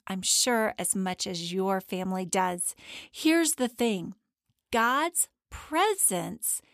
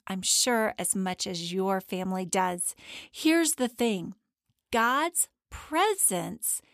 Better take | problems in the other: neither | none

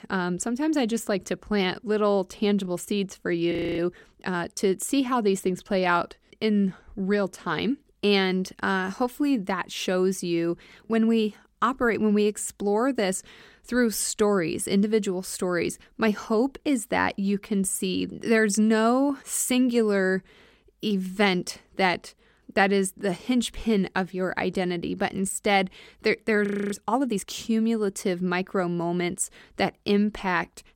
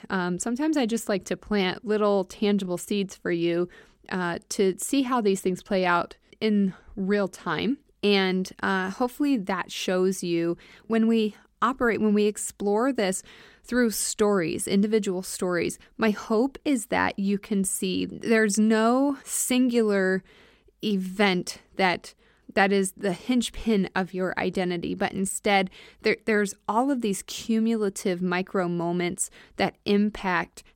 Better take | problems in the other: second | audio freezing; at 3.5 s and at 26 s

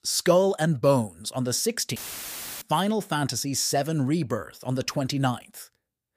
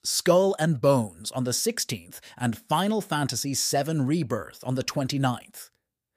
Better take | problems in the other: second | audio cutting out; filled with static; at 2 s for 0.5 s

